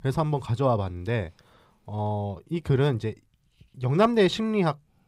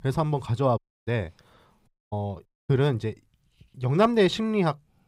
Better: first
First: none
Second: audio cutting out; at 1 s, at 2 s and at 2.5 s

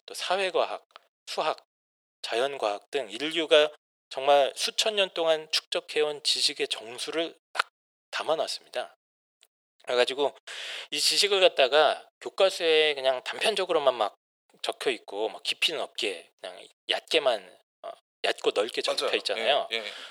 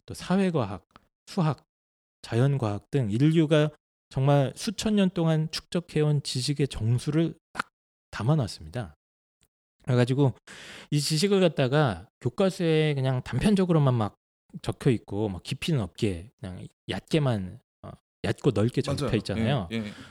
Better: second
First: thin; very; fading below 500 Hz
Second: none

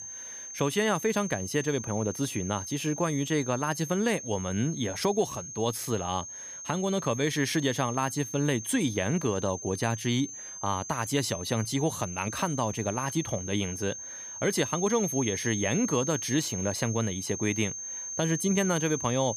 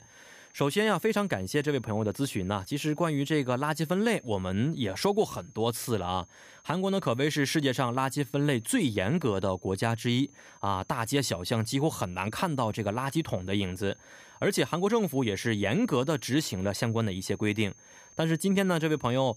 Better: second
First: high-pitched whine; loud; throughout; 6.5 kHz, 7 dB below the speech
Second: high-pitched whine; faint; throughout; 6.5 kHz, 25 dB below the speech

